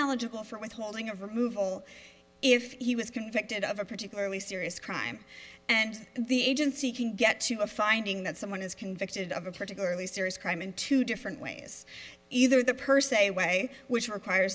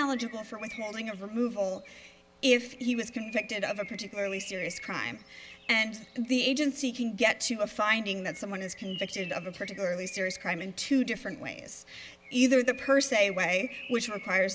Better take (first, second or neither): first